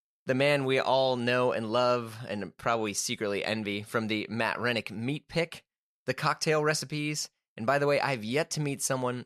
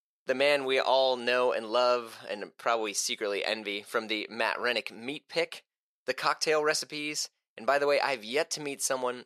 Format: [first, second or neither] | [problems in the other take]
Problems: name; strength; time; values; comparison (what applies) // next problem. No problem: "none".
first | thin; somewhat; fading below 450 Hz